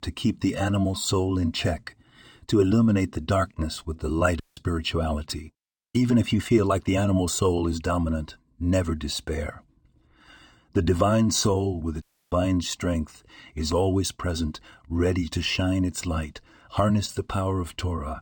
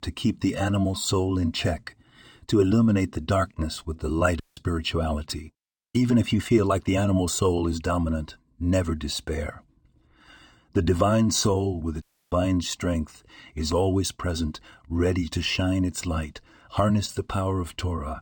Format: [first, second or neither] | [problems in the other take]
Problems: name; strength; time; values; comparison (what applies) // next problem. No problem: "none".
neither | audio cutting out; at 4.5 s and at 12 s; the same in both